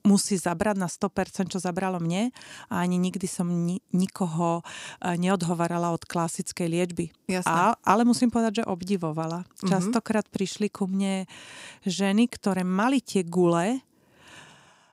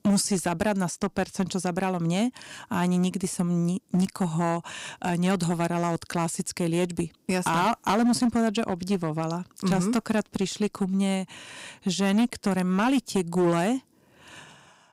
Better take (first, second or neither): first